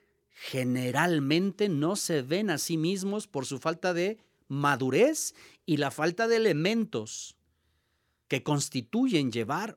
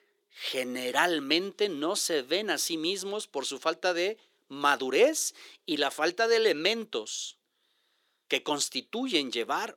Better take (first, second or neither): first